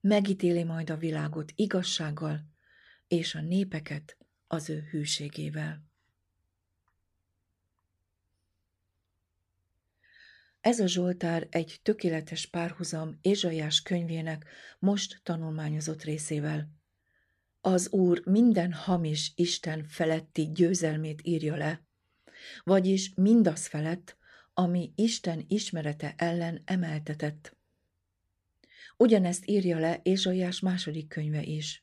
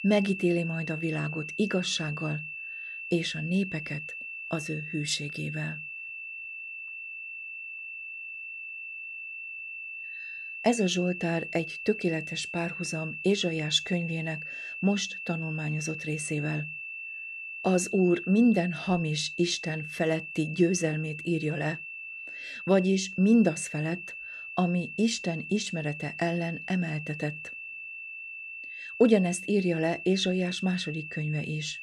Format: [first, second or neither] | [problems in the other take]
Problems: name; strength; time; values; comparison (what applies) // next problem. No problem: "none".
first | high-pitched whine; loud; throughout; 2.5 kHz, 8 dB below the speech